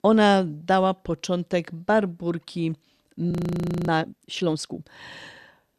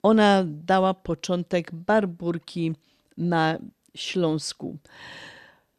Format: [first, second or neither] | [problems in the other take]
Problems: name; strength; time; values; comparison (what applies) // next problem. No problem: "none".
second | audio freezing; at 3.5 s for 0.5 s